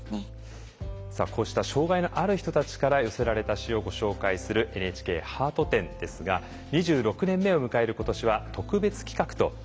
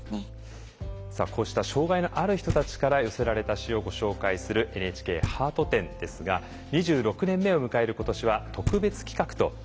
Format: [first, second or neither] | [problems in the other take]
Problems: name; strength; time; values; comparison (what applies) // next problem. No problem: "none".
first | background sound (Knock); 12 dB below the speech